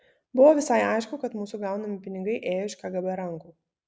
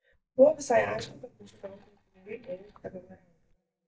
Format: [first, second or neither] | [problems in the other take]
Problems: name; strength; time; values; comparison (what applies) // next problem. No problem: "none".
first | noise reduction (neural mask model DeepFilterNet 3)